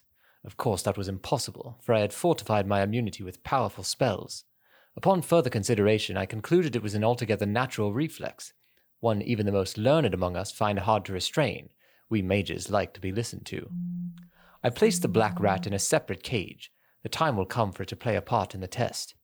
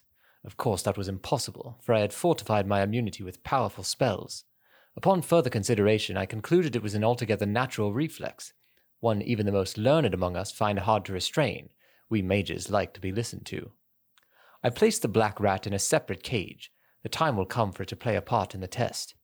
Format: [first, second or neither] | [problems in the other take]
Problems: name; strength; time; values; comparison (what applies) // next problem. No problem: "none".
second | phone ringing; noticeable; from 14 to 16 s; peak 7 dB below the speech